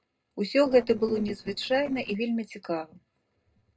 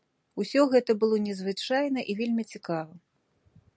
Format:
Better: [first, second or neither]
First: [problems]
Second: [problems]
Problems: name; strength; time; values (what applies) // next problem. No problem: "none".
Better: second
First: noise reduction (neural separator model SepFormer DNS4)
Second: none